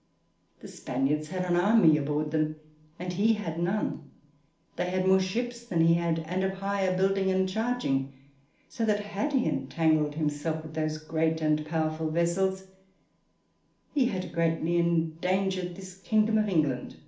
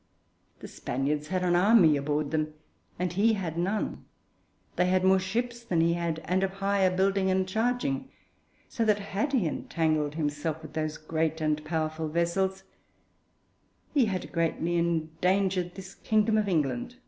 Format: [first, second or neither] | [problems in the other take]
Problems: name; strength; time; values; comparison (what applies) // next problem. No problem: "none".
second | room echo; dies away in 0.4 s